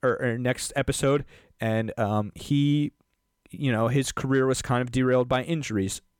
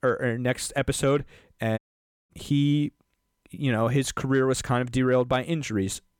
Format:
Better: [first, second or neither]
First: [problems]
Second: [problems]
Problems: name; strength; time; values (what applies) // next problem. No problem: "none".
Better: first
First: none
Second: audio cutting out; at 2 s for 0.5 s